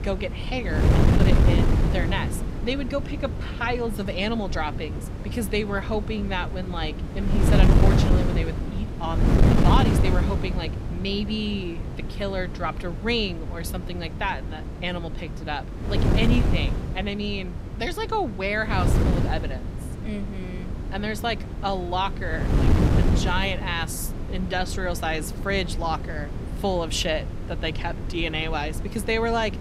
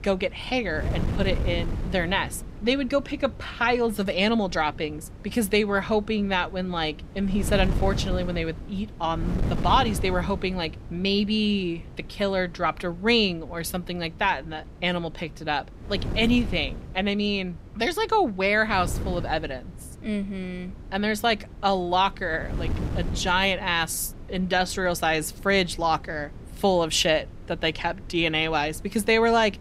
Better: second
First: wind noise on the microphone; heavy; 5 dB below the speech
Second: wind noise on the microphone; occasional gusts; 20 dB below the speech

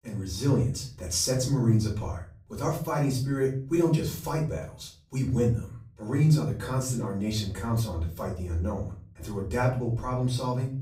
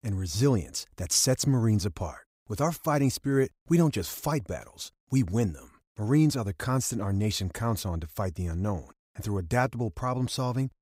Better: second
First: off-mic speech; far // room echo; slight; dies away in 0.4 s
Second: none

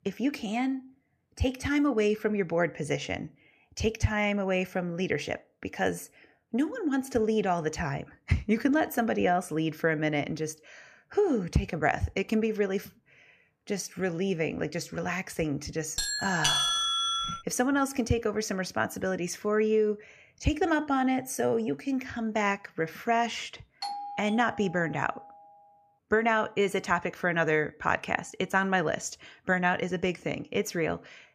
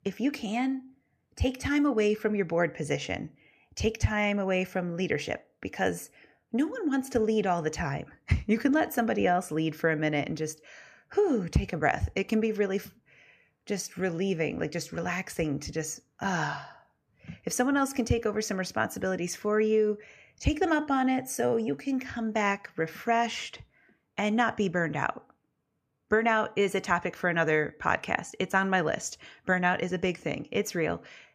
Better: second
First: doorbell; loud; from 16 to 17 s; peak 5 dB above the speech // doorbell; noticeable; from 24 to 25 s; peak 7 dB below the speech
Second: none

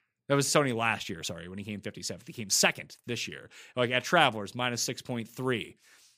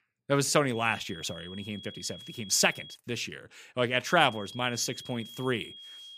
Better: first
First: none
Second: high-pitched whine; noticeable; from 0.5 to 3 s and from 4 s on; 3.5 kHz, 15 dB below the speech

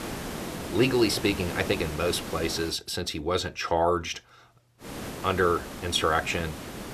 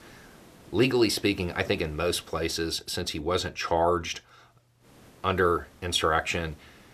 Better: second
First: hiss; loud; until 2.5 s and from 5 s on; 10 dB below the speech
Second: hiss; faint; until 2.5 s and from 5 s on; 25 dB below the speech

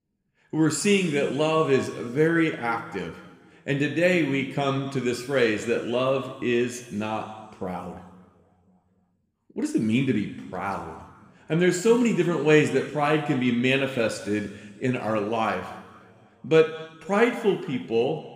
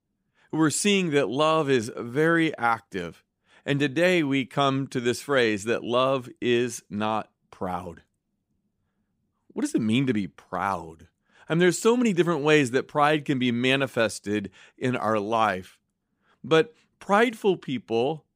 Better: second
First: room echo; slight; dies away in 1.7 s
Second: none

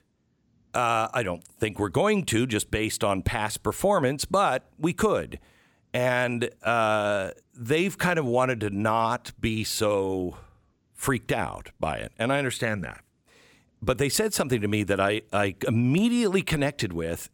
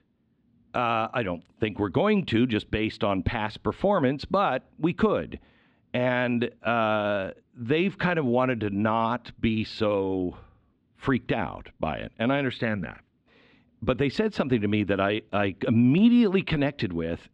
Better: first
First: none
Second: muffled; slightly; fading above 3.5 kHz

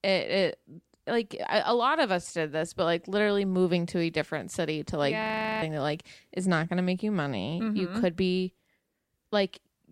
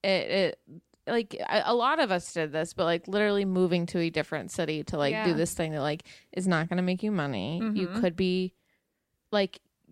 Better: second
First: audio freezing; at 5 s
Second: none

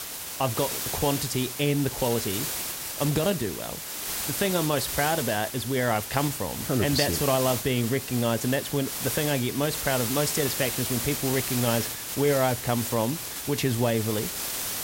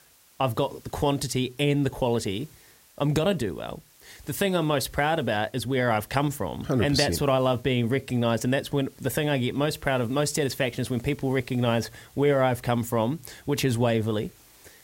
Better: second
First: hiss; loud; throughout; 3 dB below the speech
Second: hiss; faint; throughout; 30 dB below the speech

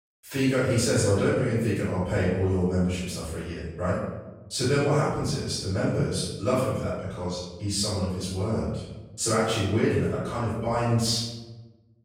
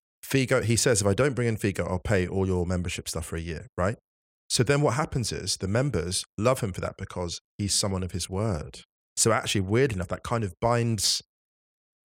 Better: second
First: off-mic speech; far // room echo; strong; dies away in 1 s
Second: none

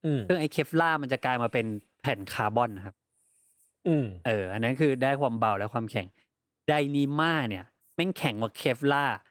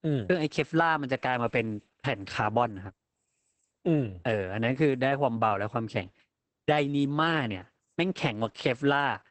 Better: first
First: garbled, watery; slightly; nothing above 18.5 kHz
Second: garbled, watery; badly; nothing above 8 kHz

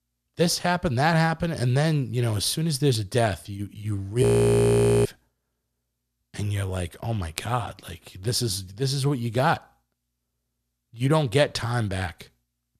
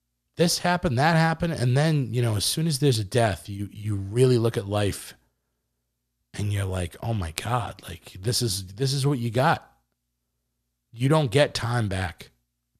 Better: second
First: audio freezing; at 4 s for 1 s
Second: none

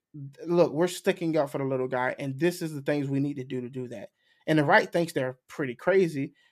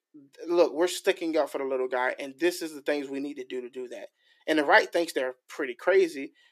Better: first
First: none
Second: thin; somewhat; fading below 350 Hz

